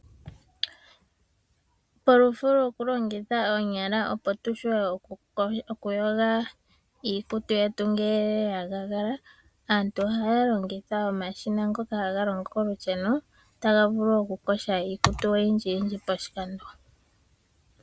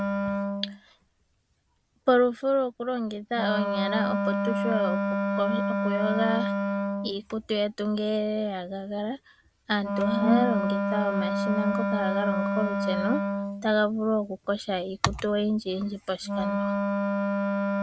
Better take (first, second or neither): first